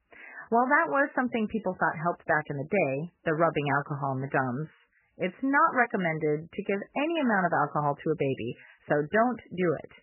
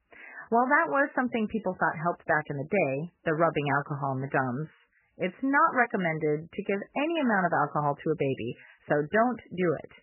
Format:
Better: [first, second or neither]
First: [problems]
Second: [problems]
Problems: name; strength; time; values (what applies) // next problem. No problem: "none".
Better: neither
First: garbled, watery; badly; nothing above 3 kHz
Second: garbled, watery; badly; nothing above 3 kHz